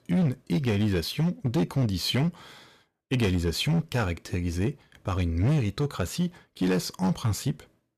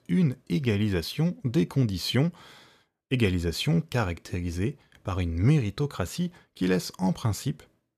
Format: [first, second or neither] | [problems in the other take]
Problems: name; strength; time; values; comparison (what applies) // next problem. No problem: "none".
second | distortion; slight; 9% of the sound clipped